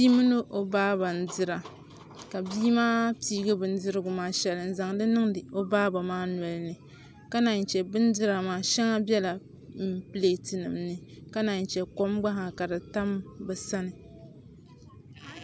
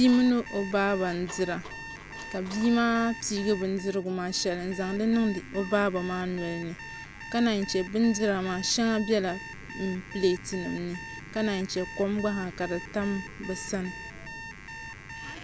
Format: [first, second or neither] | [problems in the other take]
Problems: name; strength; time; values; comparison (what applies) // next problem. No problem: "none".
first | background sound (Alarm); 14 dB below the speech